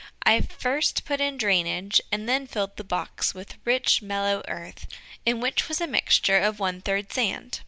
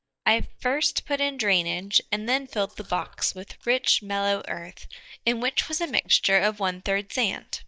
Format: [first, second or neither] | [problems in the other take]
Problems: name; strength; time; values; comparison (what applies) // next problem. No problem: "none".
first | noise reduction (neural mask model DeepFilterNet 3)